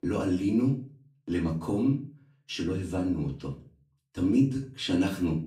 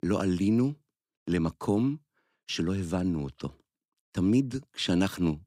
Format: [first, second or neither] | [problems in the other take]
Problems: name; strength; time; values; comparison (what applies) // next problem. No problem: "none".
second | off-mic speech; far // room echo; slight; dies away in 0.3 s